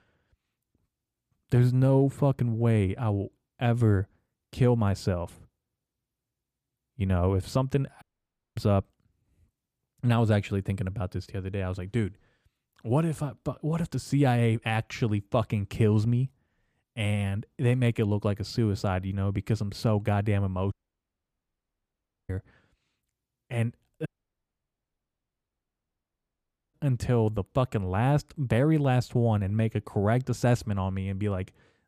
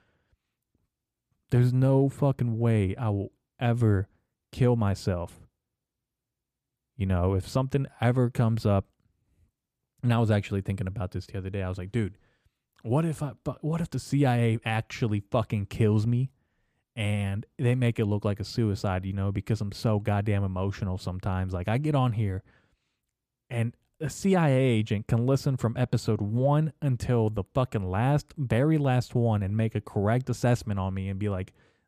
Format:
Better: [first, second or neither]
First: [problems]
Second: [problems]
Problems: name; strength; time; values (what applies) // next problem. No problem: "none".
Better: second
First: audio cutting out; at 8 s for 0.5 s, at 21 s for 1.5 s and at 24 s for 2.5 s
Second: none